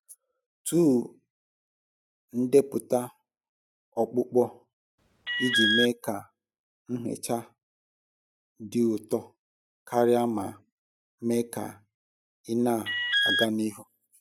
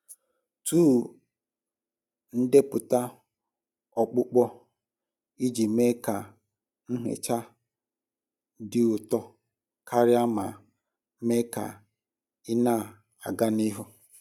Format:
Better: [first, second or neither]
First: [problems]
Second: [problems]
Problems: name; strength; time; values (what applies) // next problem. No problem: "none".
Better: second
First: noise reduction (classical method spectral subtraction)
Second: none